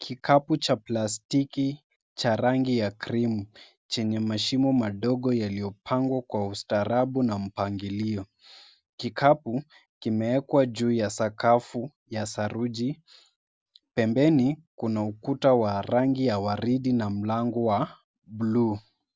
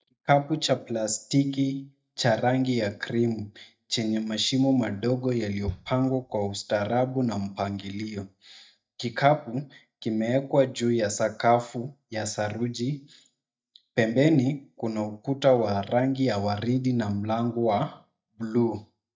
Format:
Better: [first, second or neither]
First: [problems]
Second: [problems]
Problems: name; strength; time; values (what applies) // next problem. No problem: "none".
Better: first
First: none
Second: noise reduction (neural mask model DeepFilterNet 3)